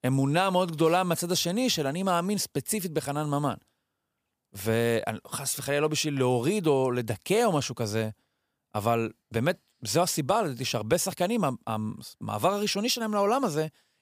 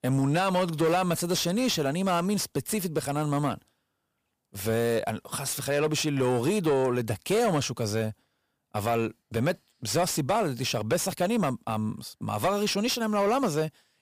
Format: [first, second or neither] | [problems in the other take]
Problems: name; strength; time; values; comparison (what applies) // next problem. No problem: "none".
first | distortion; slight; 10 dB below the speech